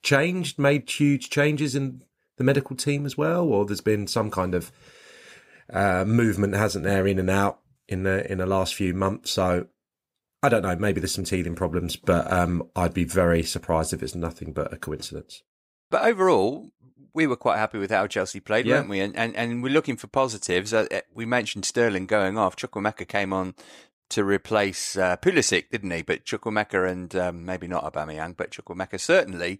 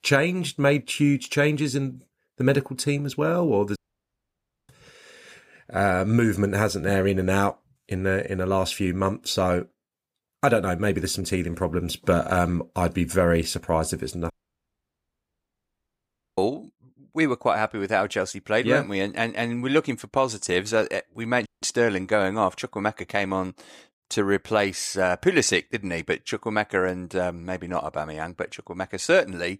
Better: first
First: none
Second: audio cutting out; at 4 s for 1 s, at 14 s for 2 s and at 21 s

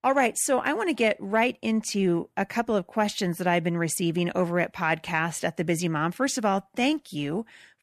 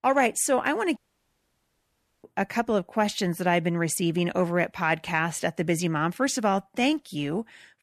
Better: first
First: none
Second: audio cutting out; at 1 s for 1.5 s

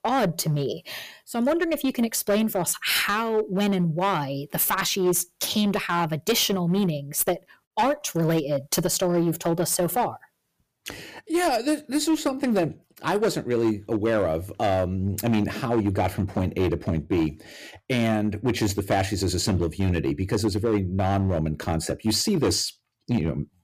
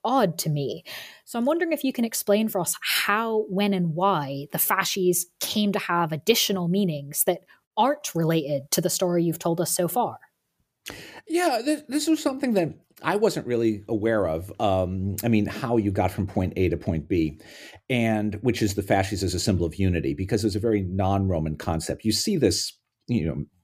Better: second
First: distortion; slight; 7% of the sound clipped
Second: none

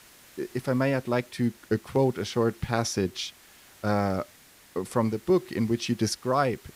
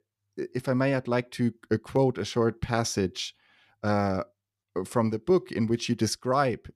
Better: second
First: hiss; faint; throughout; 25 dB below the speech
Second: none

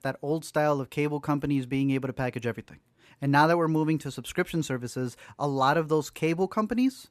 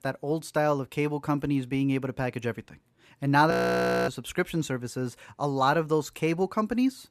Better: first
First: none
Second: audio freezing; at 3.5 s for 0.5 s

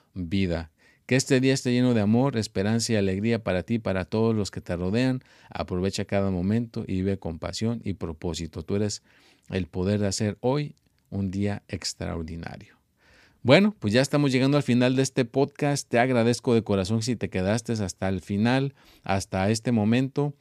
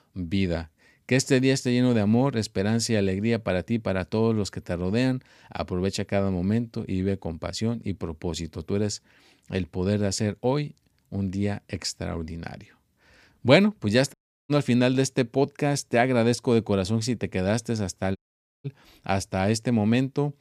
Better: first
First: none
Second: audio cutting out; at 14 s and at 18 s

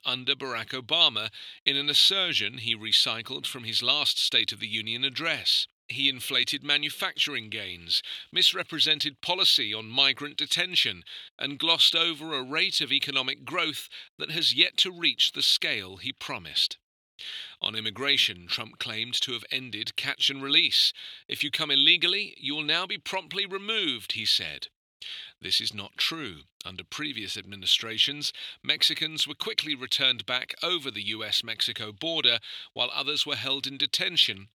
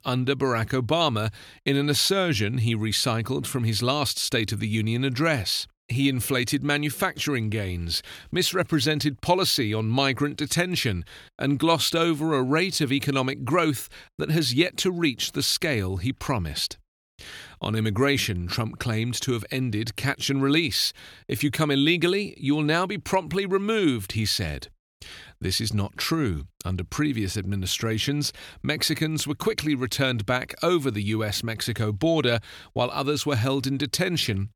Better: second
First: thin; somewhat; fading below 750 Hz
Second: none

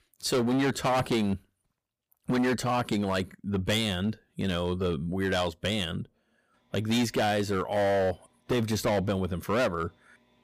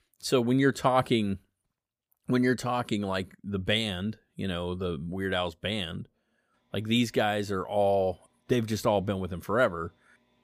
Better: second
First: distortion; heavy; 13% of the sound clipped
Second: none

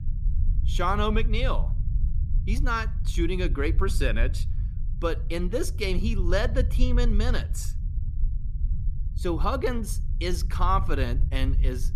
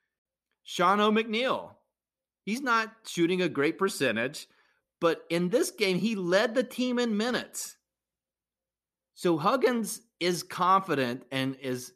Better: second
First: low rumble; noticeable; throughout; 20 dB below the speech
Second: none

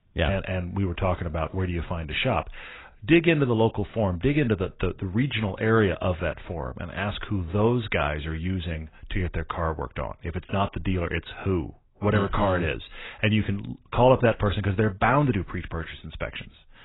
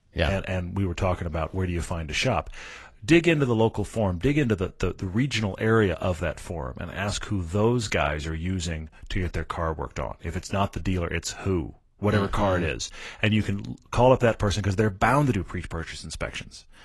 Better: second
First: garbled, watery; badly; nothing above 4 kHz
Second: garbled, watery; slightly; nothing above 12 kHz

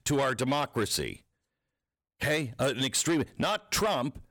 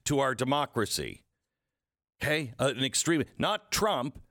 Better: second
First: distortion; slight; 10 dB below the speech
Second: none

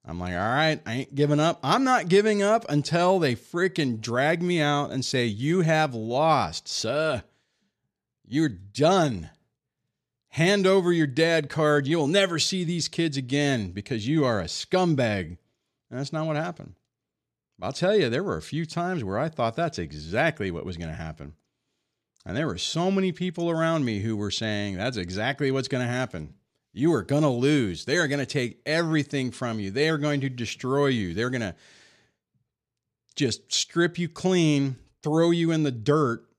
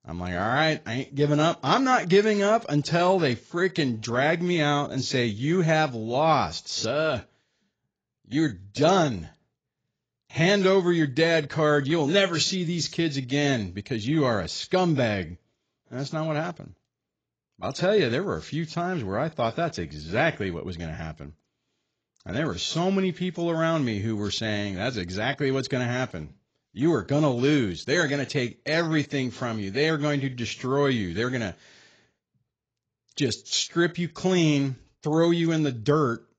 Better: first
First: none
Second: garbled, watery; badly; nothing above 7.5 kHz

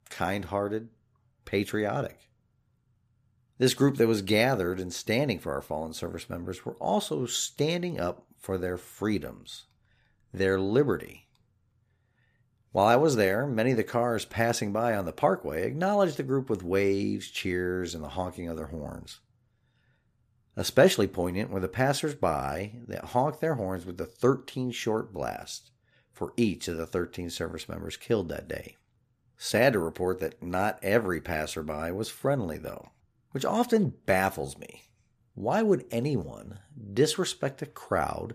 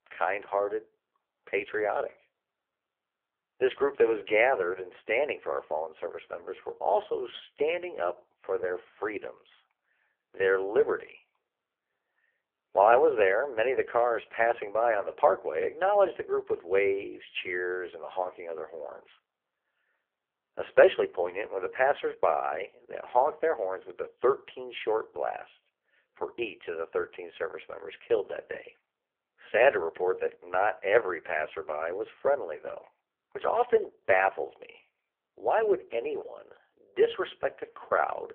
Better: first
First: none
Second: phone-call audio; poor line; nothing above 3.5 kHz

